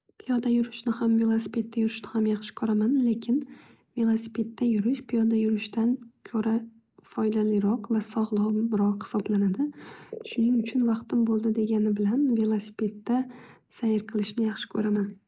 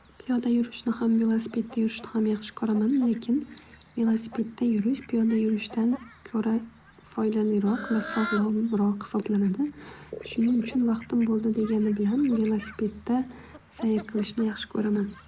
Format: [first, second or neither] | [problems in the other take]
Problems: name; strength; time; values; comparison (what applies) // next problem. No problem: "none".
first | background sound (Fowl); 19 dB below the speech